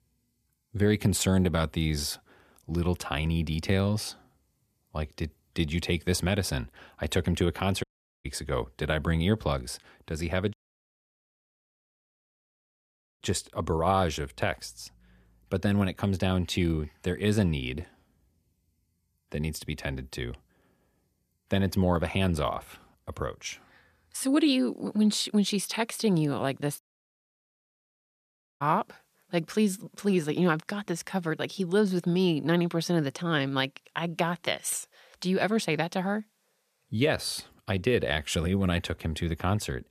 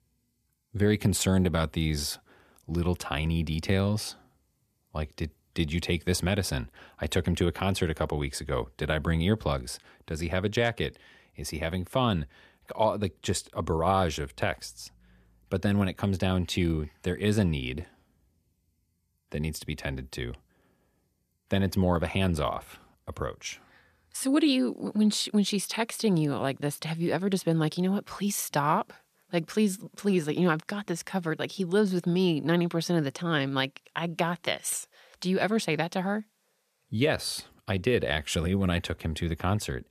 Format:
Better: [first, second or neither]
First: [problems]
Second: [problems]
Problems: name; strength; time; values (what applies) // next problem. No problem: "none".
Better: second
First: audio cutting out; at 8 s, at 11 s for 2.5 s and at 27 s for 2 s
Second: none